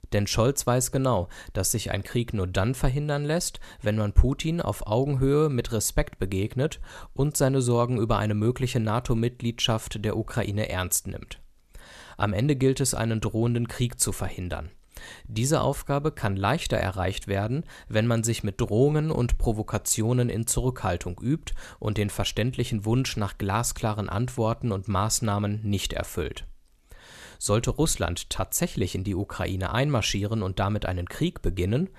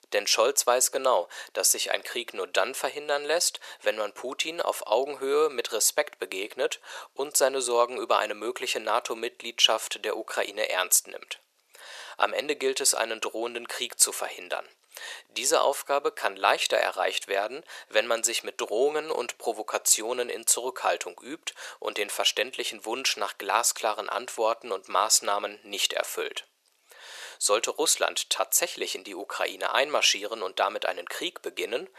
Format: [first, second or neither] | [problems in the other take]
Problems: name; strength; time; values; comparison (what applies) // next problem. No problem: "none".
first | thin; very; fading below 450 Hz